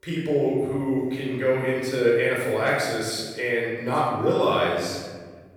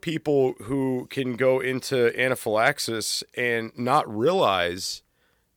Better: second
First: off-mic speech; far // room echo; strong; dies away in 1.6 s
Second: none

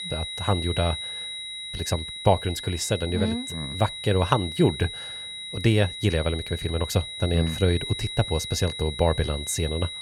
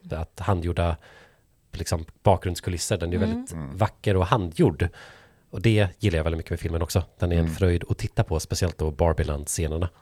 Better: second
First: high-pitched whine; loud; throughout; 4 kHz, 7 dB below the speech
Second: none

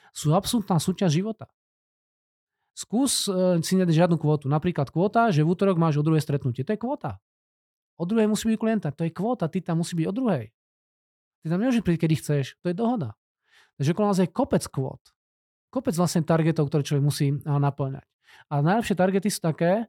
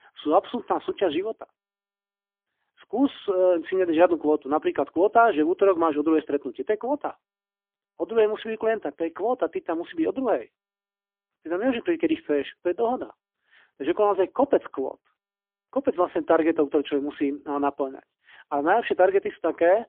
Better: first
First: none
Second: phone-call audio; poor line; nothing above 3.5 kHz

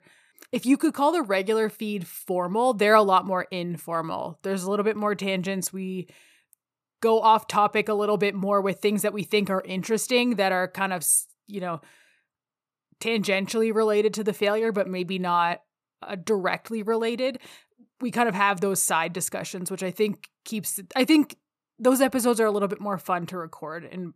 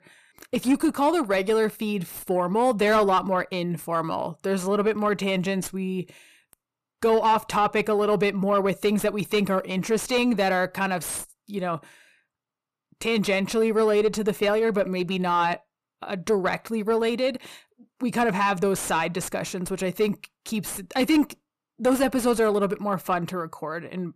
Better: first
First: none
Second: distortion; slight; 10 dB below the speech

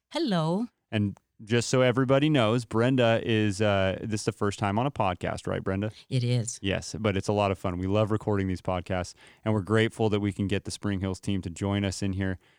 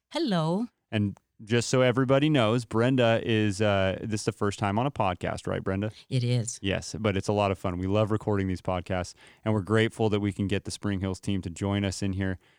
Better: neither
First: none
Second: none

